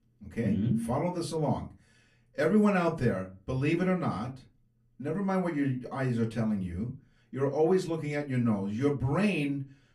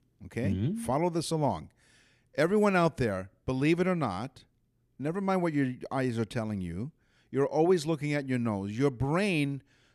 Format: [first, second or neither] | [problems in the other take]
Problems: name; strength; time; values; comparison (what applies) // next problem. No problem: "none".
second | off-mic speech; far // room echo; very slight; dies away in 0.3 s